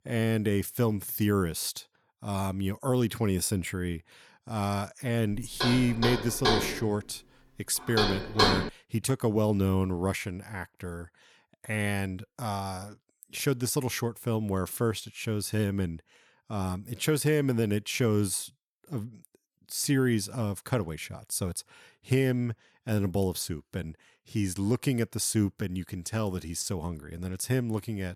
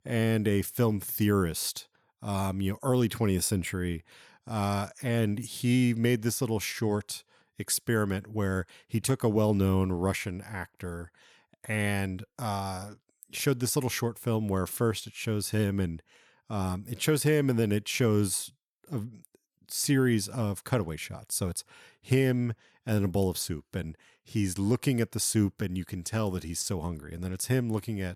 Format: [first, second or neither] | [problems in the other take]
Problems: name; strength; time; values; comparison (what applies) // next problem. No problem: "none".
second | door banging; loud; from 5.5 to 8.5 s; peak 6 dB above the speech